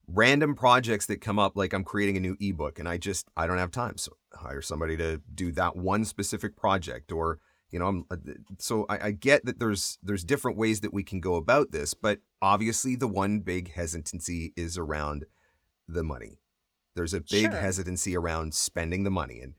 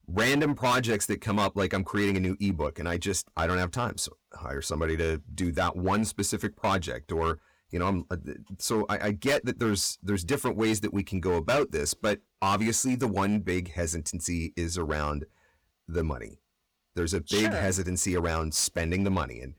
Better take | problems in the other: first | distortion; heavy; 8% of the sound clipped

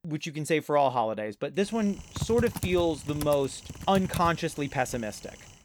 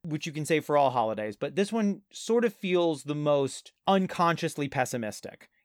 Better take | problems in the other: second | keyboard typing; noticeable; from 2 to 5 s; peak 6 dB below the speech

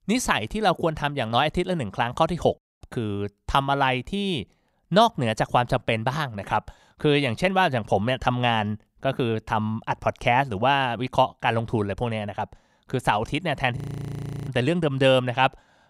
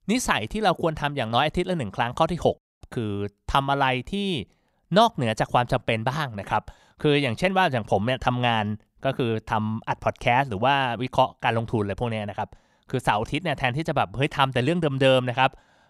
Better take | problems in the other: second | audio freezing; at 14 s for 0.5 s

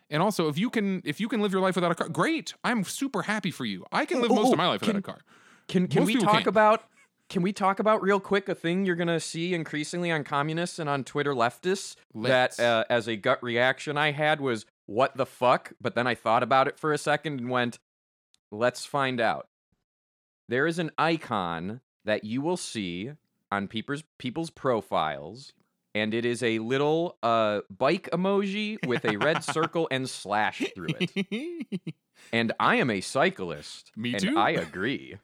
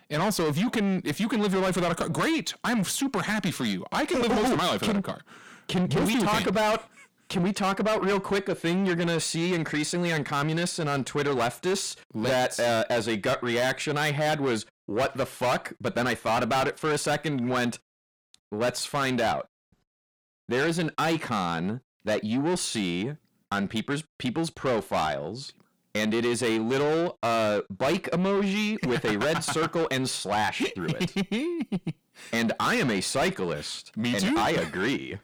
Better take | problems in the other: first | distortion; heavy; 6 dB below the speech

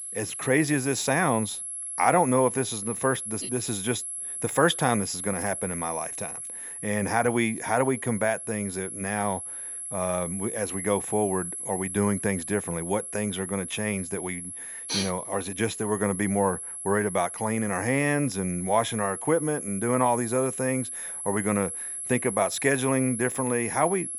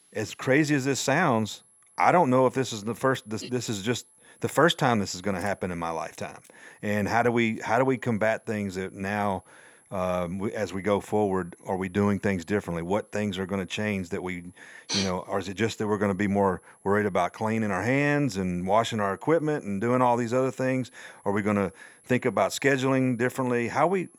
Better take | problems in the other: second | high-pitched whine; loud; throughout; 11 kHz, 6 dB below the speech; faint in the second

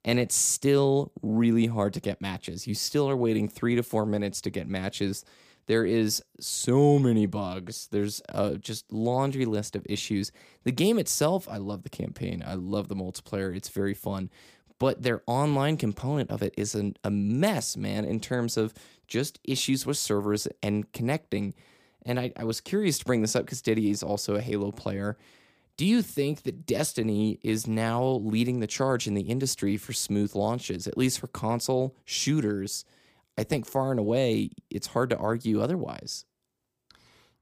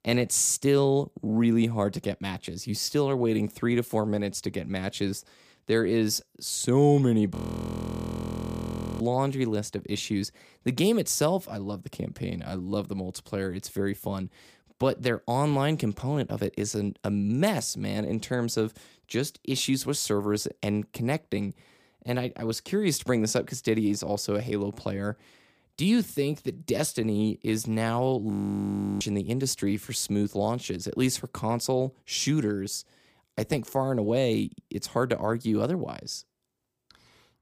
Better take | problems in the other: first | audio freezing; at 7.5 s for 1.5 s and at 28 s for 0.5 s

